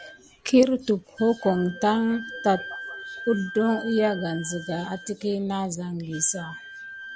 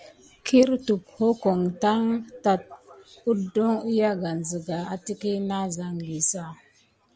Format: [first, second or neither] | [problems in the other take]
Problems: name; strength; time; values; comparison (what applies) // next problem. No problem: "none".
second | background sound (Wind instrument, woodwind instrument); 15 dB below the speech